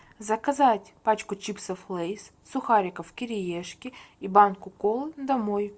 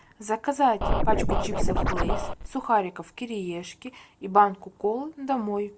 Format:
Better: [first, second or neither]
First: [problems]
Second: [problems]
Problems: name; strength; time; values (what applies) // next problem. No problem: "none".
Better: first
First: none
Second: background sound (Scratching (performance technique)); 3 dB above the speech